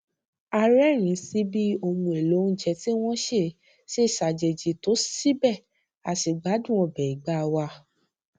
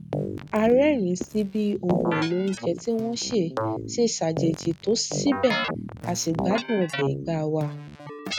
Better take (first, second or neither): first